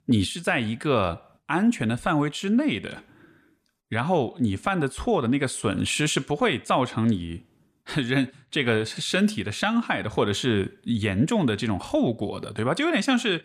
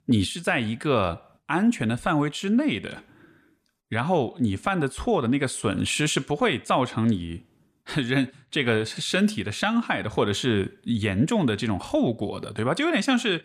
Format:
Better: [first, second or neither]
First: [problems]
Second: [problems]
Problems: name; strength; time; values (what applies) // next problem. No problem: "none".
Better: neither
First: none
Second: none